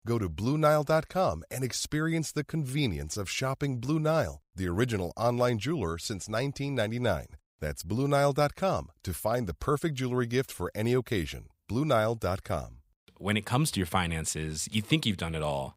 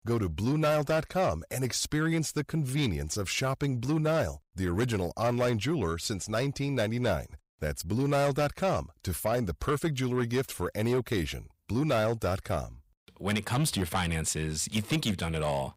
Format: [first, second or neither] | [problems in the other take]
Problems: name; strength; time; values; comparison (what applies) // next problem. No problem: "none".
first | distortion; slight; 10 dB below the speech